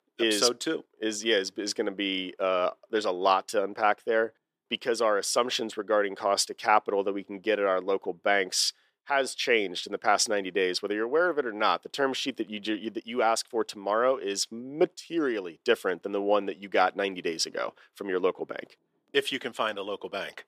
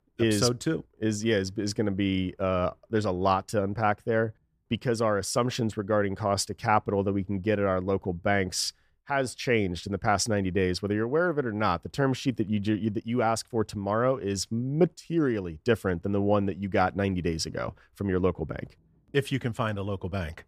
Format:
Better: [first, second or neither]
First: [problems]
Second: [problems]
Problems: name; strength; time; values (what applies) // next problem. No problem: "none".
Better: second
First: thin; somewhat; fading below 350 Hz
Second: none